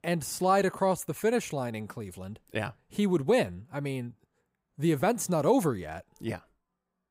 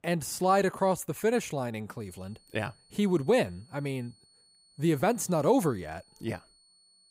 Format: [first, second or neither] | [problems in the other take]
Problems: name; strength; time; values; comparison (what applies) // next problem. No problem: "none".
first | high-pitched whine; faint; from 2 s on; 4.5 kHz, 30 dB below the speech